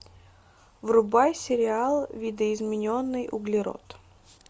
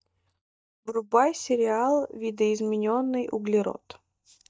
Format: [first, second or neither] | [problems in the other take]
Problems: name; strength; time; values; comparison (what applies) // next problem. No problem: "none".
first | noise reduction (neural mask model DeepFilterNet 3)